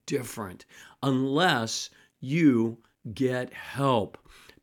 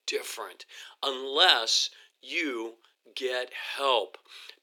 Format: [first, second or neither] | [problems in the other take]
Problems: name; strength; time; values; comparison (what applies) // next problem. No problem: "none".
first | thin; very; fading below 400 Hz